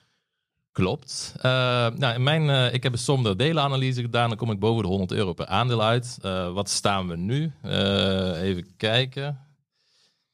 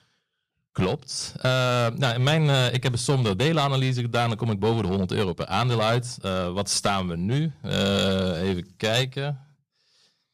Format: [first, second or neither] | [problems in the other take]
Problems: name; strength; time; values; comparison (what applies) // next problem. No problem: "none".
first | distortion; slight; 5% of the sound clipped